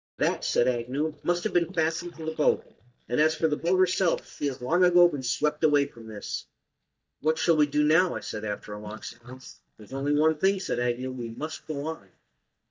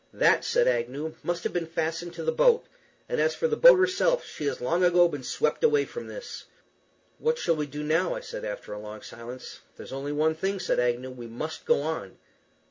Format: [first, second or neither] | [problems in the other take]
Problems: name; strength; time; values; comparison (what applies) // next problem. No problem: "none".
second | noise reduction (neural mask model DeepFilterNet 3)